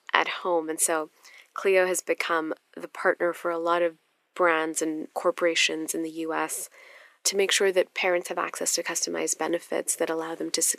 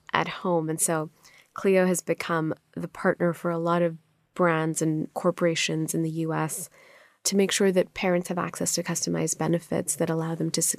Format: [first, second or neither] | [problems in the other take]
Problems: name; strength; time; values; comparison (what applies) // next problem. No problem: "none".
second | thin; very; fading below 300 Hz